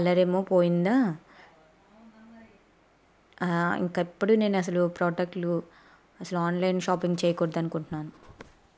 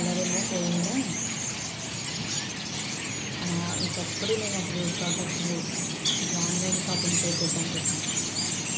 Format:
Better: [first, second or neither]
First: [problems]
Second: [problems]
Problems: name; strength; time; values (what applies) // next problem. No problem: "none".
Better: first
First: none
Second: background sound (Chirp, tweet); 5 dB above the speech // room echo; dies away in 0.6 s